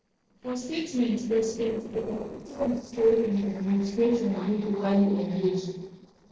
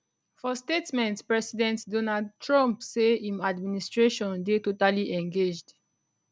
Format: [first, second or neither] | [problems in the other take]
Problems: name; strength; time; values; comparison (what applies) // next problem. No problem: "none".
second | noise reduction (neural separator model SepFormer DNS4)